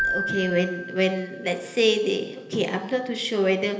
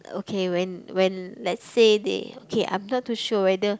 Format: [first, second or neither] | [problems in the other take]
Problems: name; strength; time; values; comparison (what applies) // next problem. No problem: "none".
second | background sound (Keyboard (musical)); 9 dB below the speech // room echo; dies away in 1.4 s